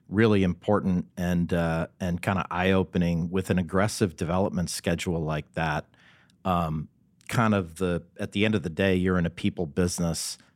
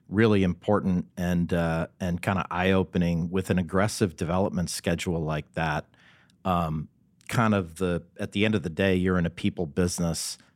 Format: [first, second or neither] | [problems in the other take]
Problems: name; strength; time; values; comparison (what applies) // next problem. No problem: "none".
neither | none